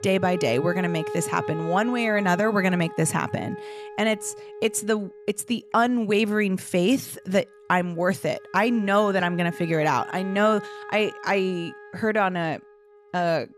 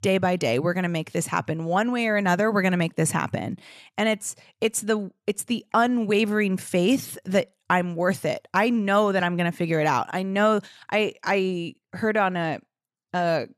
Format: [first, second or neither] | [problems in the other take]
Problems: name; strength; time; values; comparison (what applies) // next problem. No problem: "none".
second | background music; noticeable; throughout; 10 dB below the speech